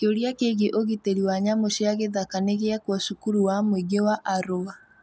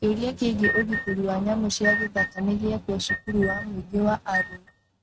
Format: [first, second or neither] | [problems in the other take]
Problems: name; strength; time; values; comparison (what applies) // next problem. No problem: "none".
first | noise reduction (neural mask model RNNoise)